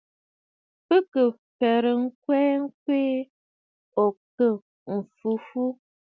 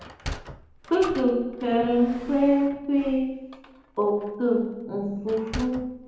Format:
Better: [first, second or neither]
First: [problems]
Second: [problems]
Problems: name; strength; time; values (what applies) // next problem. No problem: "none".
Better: first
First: none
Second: background sound (Sliding door); 15 dB below the speech // room echo; dies away in 0.9 s